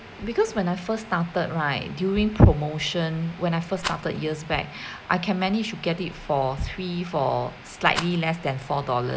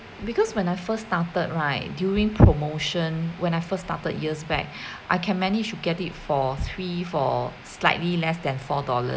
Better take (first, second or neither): second